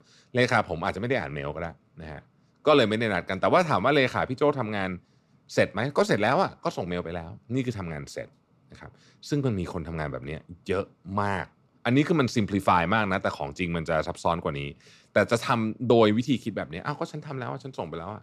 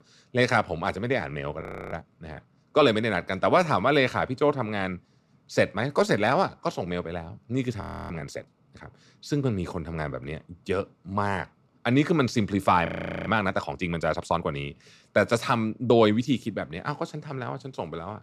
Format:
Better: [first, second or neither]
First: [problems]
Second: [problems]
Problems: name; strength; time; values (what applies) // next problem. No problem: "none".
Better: first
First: none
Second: audio freezing; at 1.5 s, at 8 s and at 13 s